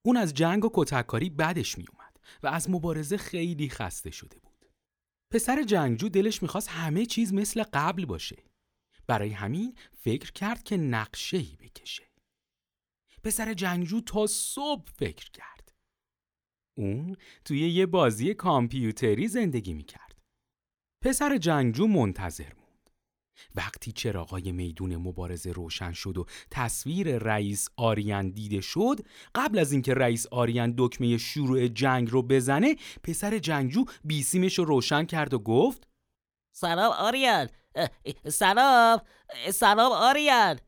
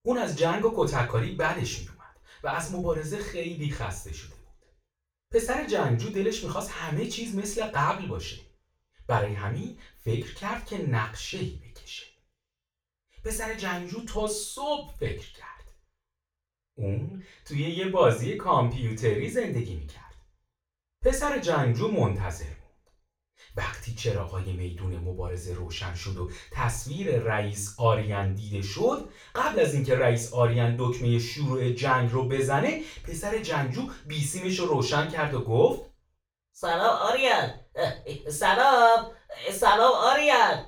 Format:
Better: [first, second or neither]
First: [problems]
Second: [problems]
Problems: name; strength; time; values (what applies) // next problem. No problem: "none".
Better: first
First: none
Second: room echo; noticeable; dies away in 0.3 s // off-mic speech; far